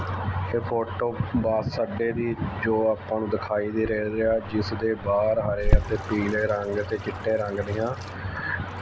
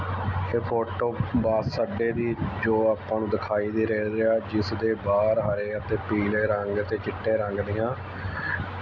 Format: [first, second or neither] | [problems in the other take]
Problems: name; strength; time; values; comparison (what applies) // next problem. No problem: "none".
second | background sound (Sink (filling or washing) / Water tap, faucet); 6 dB below the speech